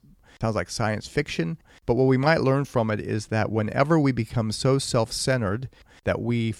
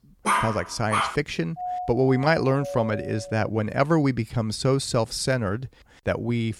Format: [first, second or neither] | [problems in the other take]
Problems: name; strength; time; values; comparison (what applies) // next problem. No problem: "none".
first | dog barking; loud; at 0.5 s; peak 1 dB above the speech // doorbell; noticeable; from 1.5 to 3.5 s; peak 6 dB below the speech